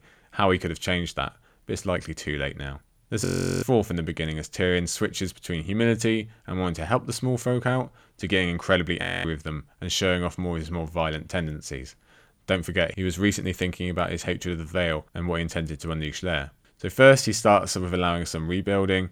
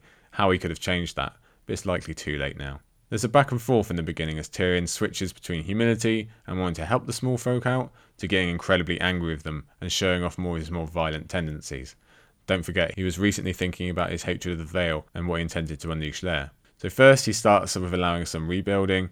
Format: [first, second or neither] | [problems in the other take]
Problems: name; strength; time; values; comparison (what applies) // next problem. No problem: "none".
second | audio freezing; at 3.5 s and at 9 s